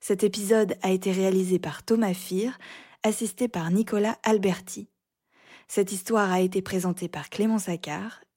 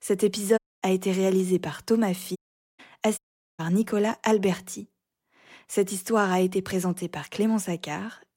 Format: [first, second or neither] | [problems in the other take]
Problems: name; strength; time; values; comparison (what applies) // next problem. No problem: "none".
first | audio cutting out; at 0.5 s, at 2.5 s and at 3 s